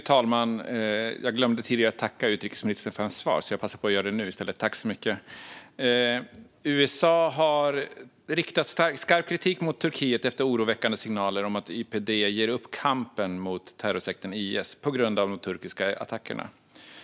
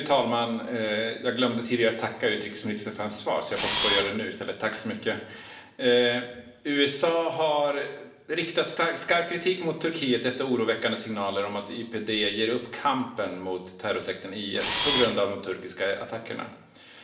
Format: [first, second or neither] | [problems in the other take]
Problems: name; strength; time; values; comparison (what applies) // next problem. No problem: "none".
first | background sound (Camera); as loud as the speech // room echo; dies away in 0.8 s